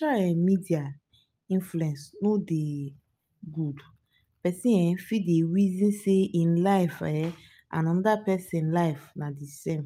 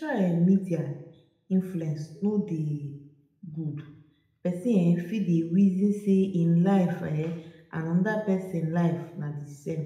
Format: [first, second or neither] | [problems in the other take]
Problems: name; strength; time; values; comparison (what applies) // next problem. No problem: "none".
first | room echo; dies away in 0.7 s